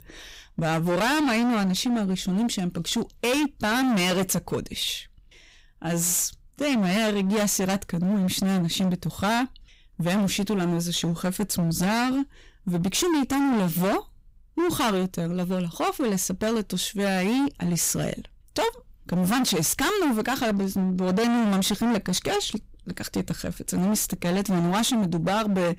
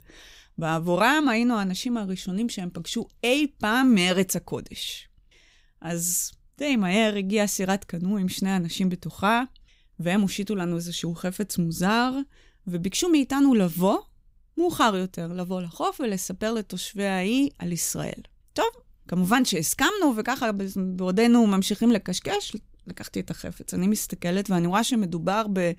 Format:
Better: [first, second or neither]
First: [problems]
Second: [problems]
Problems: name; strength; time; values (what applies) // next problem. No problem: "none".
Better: second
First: distortion; heavy; 25% of the sound clipped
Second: none